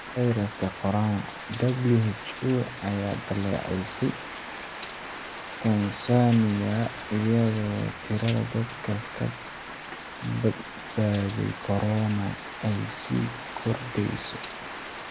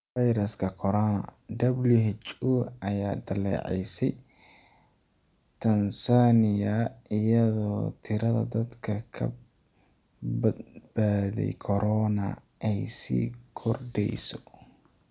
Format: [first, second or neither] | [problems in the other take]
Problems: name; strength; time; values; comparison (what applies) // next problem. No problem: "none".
second | background sound (Rain); 11 dB below the speech